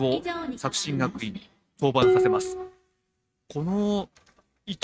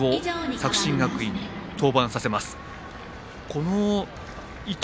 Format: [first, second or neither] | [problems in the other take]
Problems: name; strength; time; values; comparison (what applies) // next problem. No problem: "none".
second | noise reduction (neural mask model RNNoise)